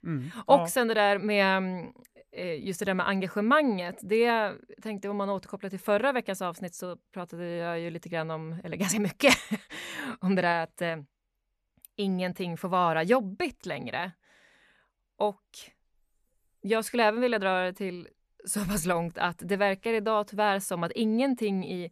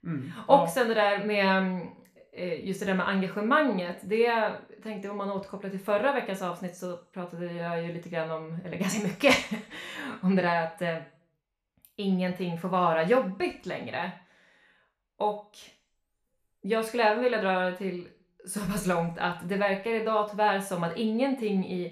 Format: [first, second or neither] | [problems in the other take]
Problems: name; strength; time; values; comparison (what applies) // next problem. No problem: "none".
first | room echo; slight; dies away in 0.4 s